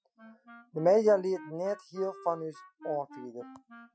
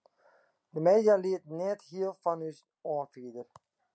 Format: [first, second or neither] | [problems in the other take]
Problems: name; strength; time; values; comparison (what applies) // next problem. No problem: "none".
second | noise reduction (classical method Wiener filter)